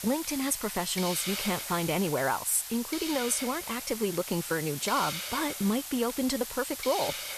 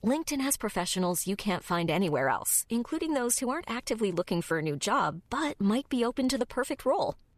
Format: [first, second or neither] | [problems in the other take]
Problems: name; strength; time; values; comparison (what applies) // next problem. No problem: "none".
second | hiss; loud; throughout; 5 dB below the speech